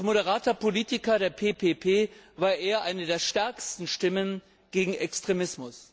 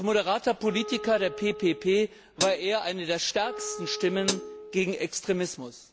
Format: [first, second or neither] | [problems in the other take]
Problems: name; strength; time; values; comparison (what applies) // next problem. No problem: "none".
first | background sound (Hi-hat + Wind instrument, woodwind instrument); 10 dB below the speech